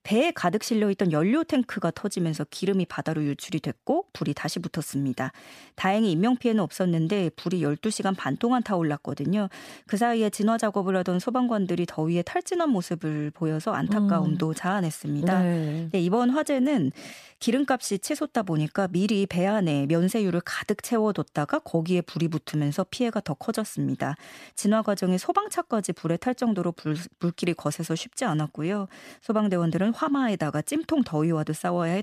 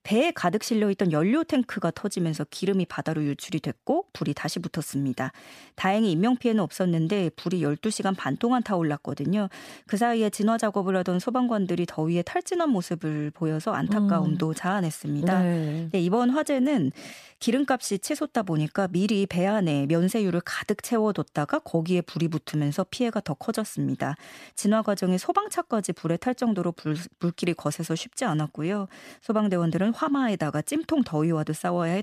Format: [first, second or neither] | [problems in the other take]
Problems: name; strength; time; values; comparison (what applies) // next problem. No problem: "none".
neither | none